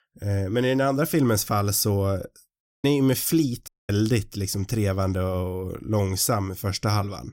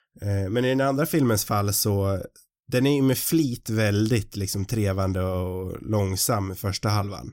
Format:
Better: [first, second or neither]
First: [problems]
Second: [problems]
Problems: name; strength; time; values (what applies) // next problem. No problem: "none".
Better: second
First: audio cutting out; at 2.5 s and at 3.5 s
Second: none